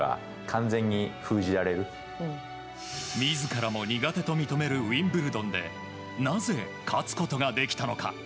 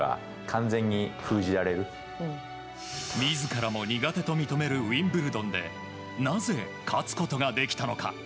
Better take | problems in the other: first | background sound (Fart); 19 dB below the speech

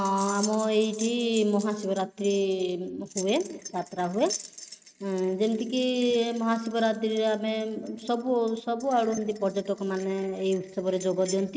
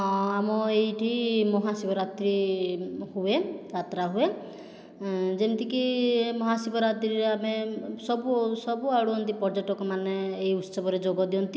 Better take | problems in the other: second | noise reduction (neural mask model RNNoise)

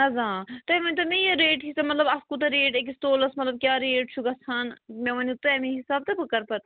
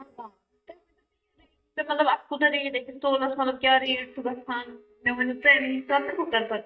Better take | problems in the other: first | noise reduction (neural mask model DeepFilterNet 3)

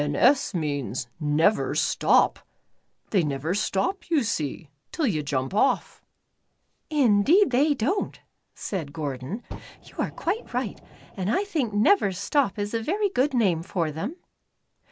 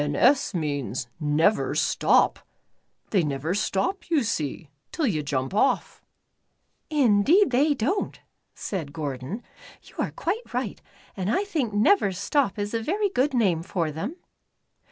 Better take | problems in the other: second | background sound (Fire); 19 dB below the speech

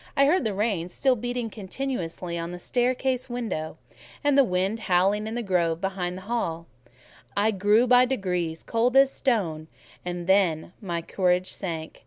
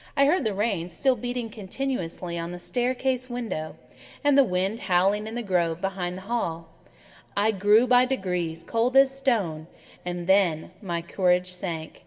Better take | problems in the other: first | room echo; dies away in 1.9 s

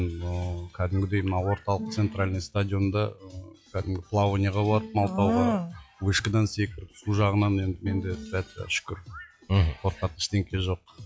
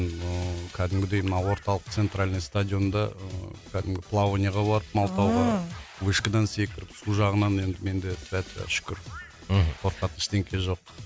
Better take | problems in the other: second | noise reduction (classical method log-MMSE)

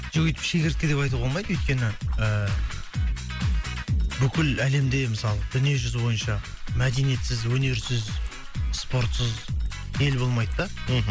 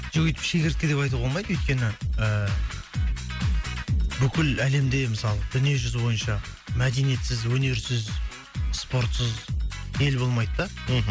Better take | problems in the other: second | background sound (Splash, splatter); 11 dB below the speech

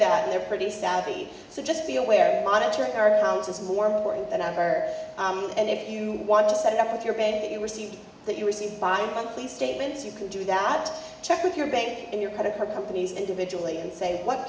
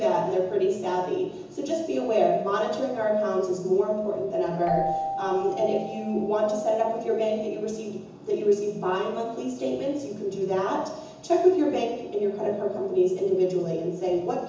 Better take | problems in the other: first | background sound (Keyboard (musical)); 15 dB below the speech // room echo; dies away in 0.6 s

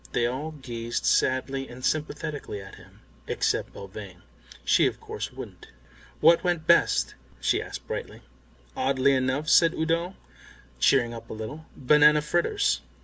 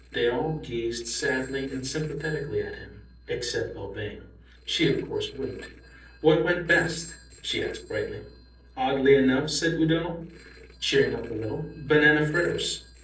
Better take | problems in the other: first | noise reduction (neural separator model SepFormer DNS4)

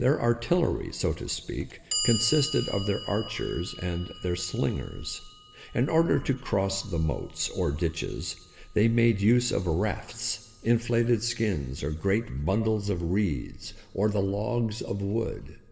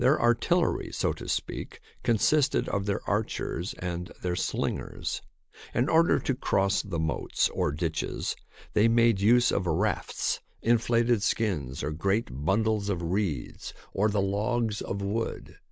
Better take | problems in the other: second | background sound (Clock); 15 dB below the speech // room echo; dies away in 1.3 s

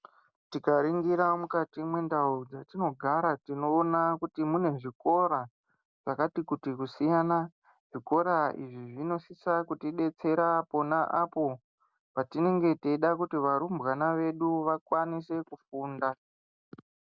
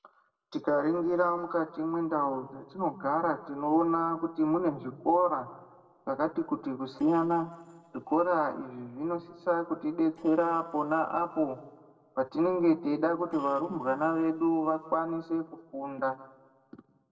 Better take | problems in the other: first | noise reduction (neural separator model SepFormer DNS4)

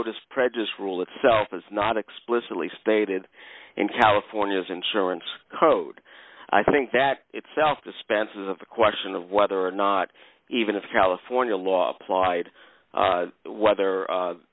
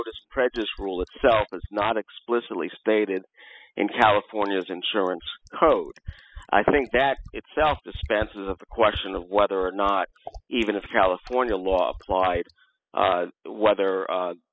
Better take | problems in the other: first | noise reduction (classical method spectral subtraction)

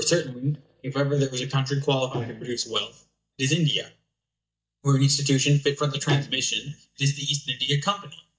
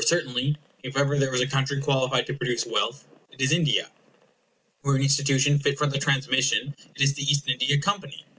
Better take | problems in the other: second | noise reduction (neural mask model DeepFilterNet 3)

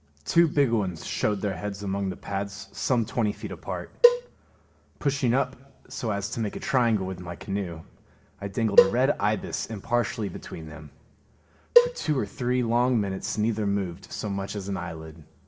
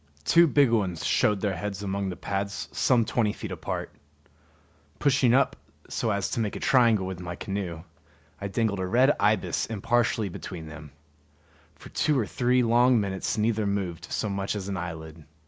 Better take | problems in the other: second | background sound (Cowbell); 2 dB above the speech // room echo; dies away in 1 s

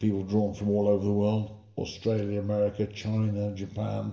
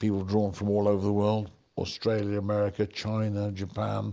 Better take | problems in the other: second | room echo; dies away in 0.7 s

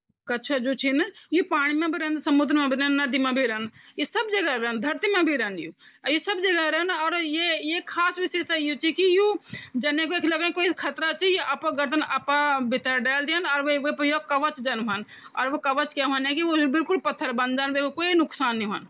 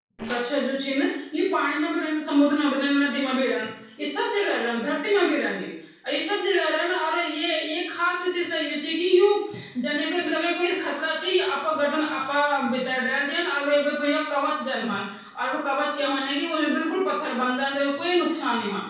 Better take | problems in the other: first | noise reduction (neural separator model SepFormer DNS4)

